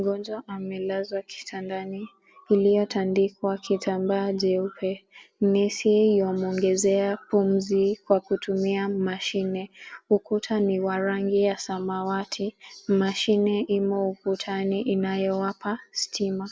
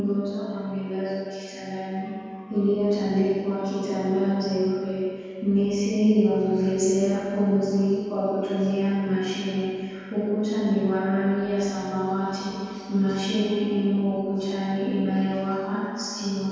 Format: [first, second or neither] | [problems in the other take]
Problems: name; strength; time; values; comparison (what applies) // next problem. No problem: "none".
first | room echo; dies away in 2.1 s